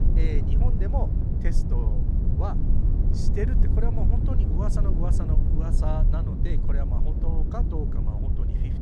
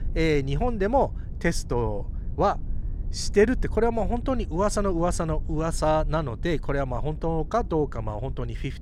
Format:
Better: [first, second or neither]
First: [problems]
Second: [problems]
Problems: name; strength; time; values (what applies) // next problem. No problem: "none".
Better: second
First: low rumble; loud; throughout; 1 dB below the speech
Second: low rumble; faint; throughout; 25 dB below the speech